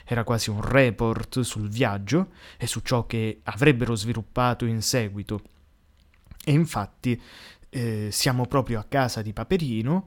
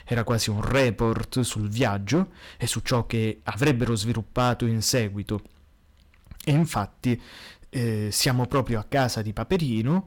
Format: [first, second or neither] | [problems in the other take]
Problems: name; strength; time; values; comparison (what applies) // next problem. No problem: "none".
first | distortion; slight; 4% of the sound clipped